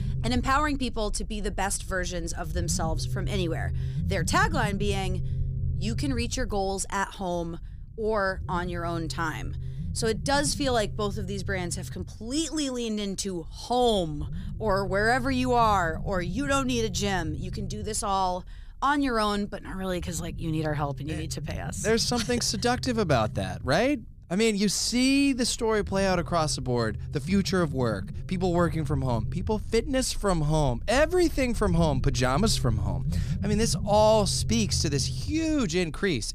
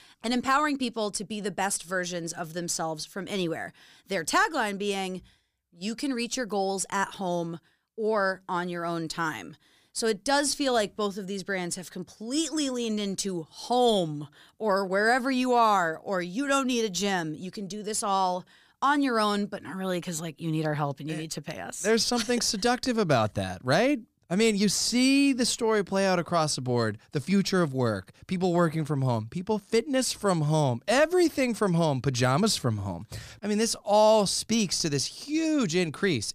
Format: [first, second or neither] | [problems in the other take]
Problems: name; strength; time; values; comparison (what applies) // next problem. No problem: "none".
second | low rumble; noticeable; throughout; 20 dB below the speech